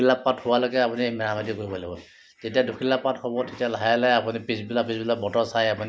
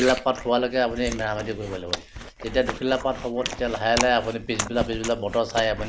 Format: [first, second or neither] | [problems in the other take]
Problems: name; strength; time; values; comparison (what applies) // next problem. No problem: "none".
first | background sound (Chewing, mastication); 9 dB below the speech